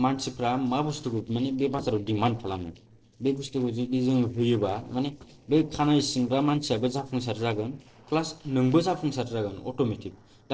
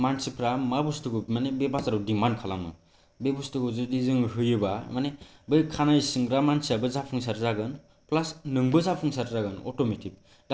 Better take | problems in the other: second | noise reduction (neural separator model SepFormer DNS4)

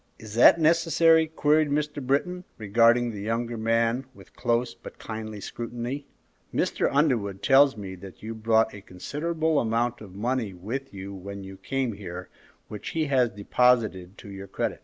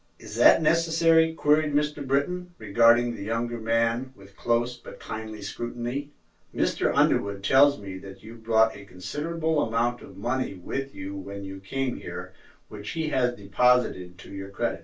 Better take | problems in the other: first | room echo; dies away in 0.1 s

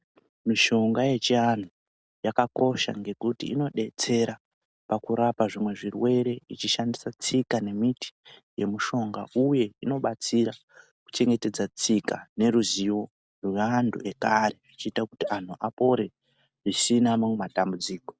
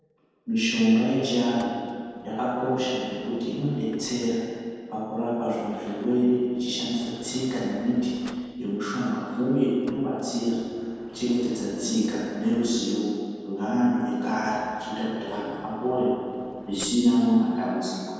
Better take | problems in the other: first | noise reduction (neural separator model SepFormer DNS4)

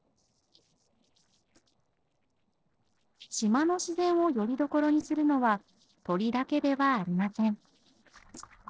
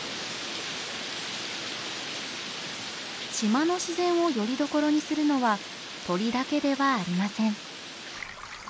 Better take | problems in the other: second | noise reduction (neural separator model SepFormer DNS4)

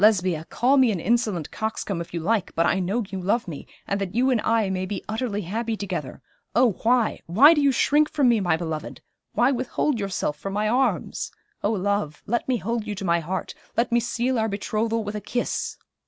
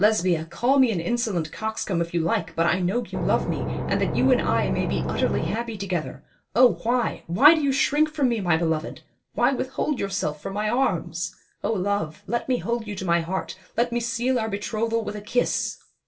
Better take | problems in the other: first | background sound (Engine / Boat, Water vehicle); 3 dB below the speech // room echo; dies away in 0.2 s

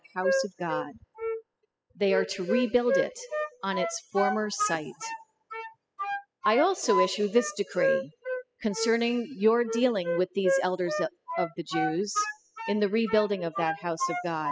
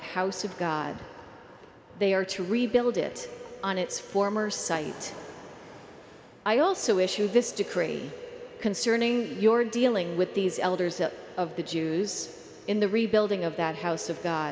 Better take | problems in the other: second | noise reduction (classical method spectral subtraction)

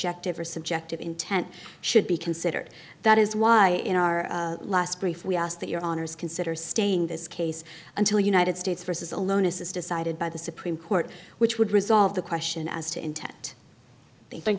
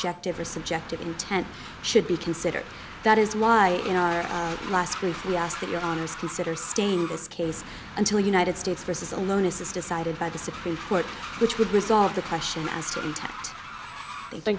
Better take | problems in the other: first | background sound (Train); 12 dB below the speech

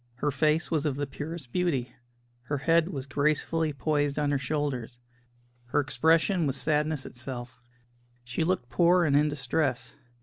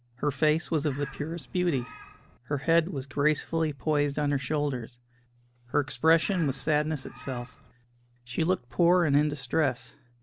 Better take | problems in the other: first | background sound (Bird); 19 dB below the speech

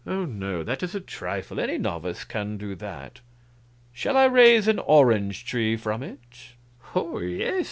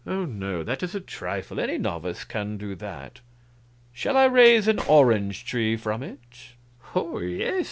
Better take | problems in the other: first | background sound (Gunshot, gunfire); 19 dB below the speech

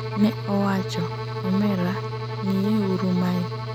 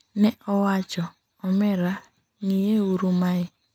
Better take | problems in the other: second | background sound (Bowed string instrument + Mechanical fan); 5 dB below the speech

